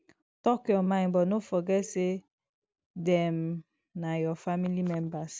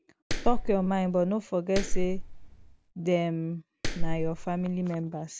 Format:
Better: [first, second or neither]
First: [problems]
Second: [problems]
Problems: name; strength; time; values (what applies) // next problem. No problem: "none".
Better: first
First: none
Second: background sound (Clapping); 1 dB above the speech